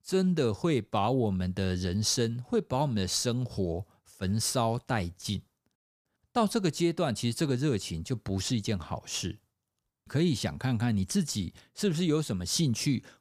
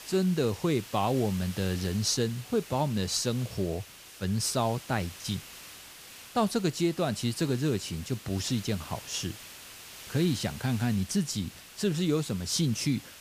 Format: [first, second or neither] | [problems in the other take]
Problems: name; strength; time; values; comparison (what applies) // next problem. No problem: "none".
first | hiss; noticeable; throughout; 15 dB below the speech